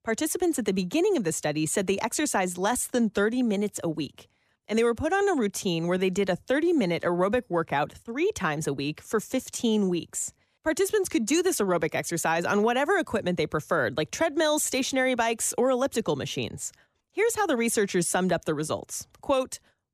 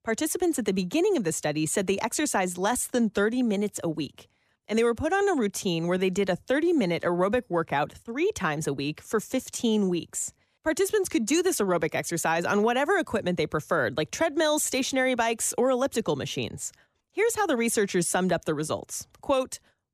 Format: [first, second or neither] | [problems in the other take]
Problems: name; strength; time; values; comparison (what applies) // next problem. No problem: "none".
neither | none